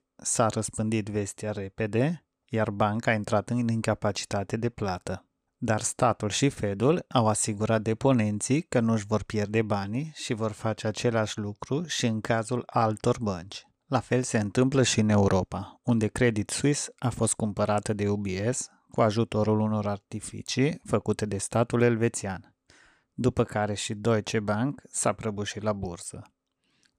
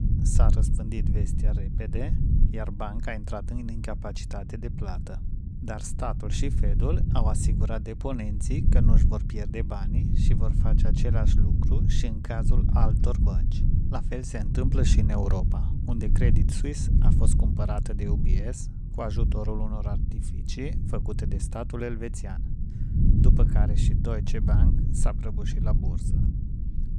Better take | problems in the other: first | low rumble; loud; throughout; 3 dB below the speech

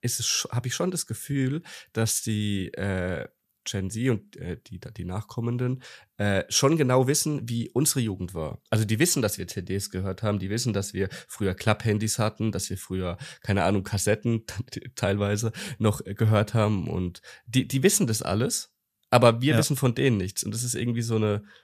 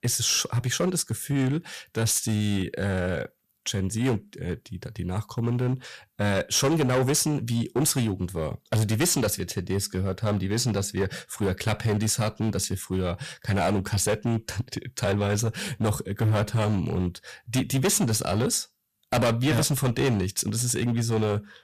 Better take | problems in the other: first | distortion; heavy; 10% of the sound clipped

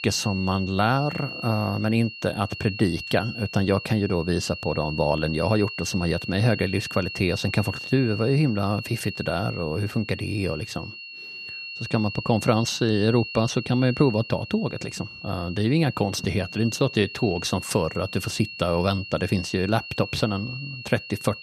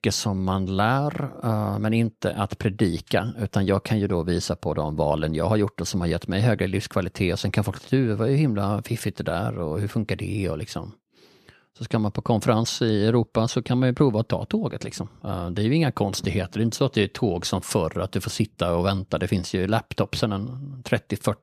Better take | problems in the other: second | high-pitched whine; loud; throughout; 3 kHz, 10 dB below the speech

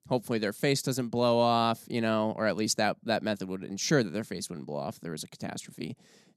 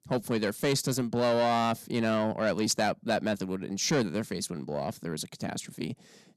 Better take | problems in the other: first | distortion; slight; 10 dB below the speech

